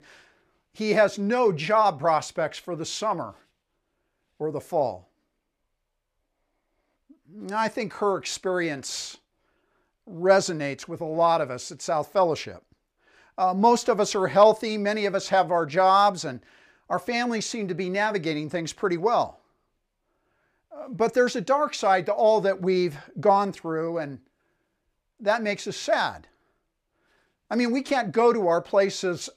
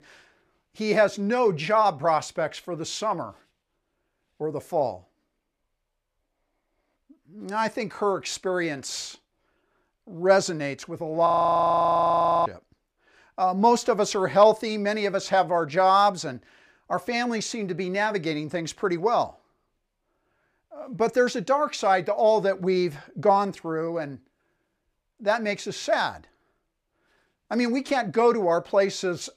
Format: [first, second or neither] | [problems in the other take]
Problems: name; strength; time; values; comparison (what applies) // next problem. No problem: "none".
first | audio freezing; at 11 s for 1 s